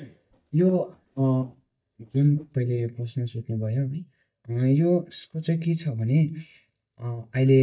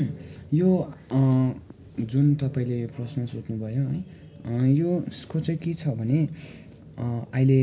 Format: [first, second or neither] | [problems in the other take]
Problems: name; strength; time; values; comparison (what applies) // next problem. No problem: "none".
second | noise reduction (neural mask model DeepFilterNet 3)